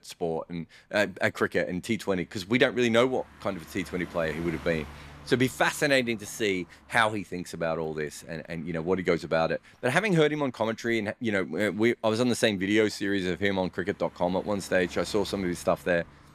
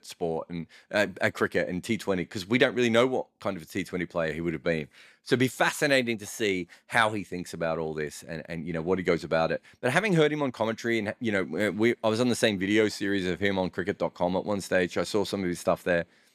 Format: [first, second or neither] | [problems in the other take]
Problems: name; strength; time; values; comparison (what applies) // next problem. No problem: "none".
second | traffic noise; faint; throughout; 20 dB below the speech